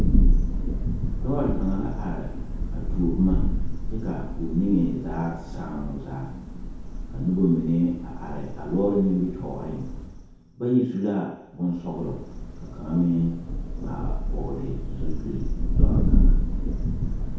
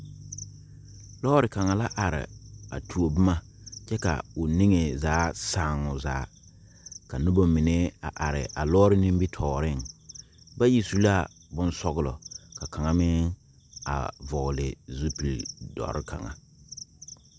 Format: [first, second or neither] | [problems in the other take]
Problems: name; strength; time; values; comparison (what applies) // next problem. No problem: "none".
second | background sound (Thunder); 3 dB above the speech // room echo; dies away in 0.8 s